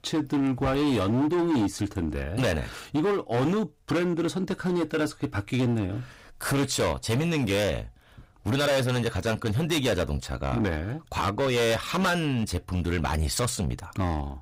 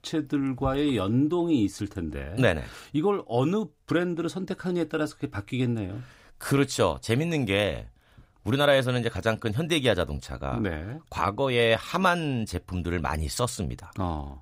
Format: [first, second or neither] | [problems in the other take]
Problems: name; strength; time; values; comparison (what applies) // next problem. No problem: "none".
second | distortion; heavy; 17% of the sound clipped